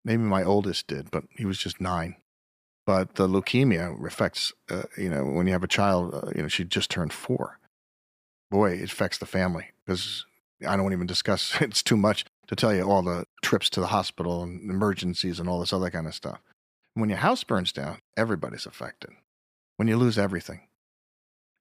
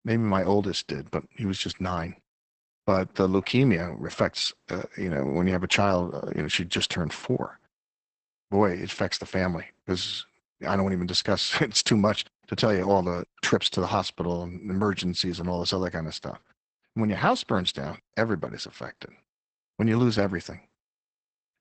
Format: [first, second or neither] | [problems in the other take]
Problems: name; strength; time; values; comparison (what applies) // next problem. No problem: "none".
first | garbled, watery; badly; nothing above 8 kHz